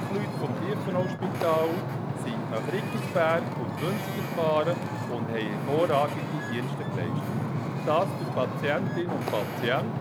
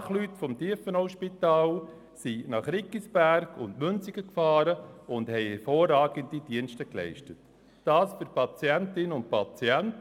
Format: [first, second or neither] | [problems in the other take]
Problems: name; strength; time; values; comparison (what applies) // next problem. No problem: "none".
second | background sound (Wind / Ocean); 1 dB below the speech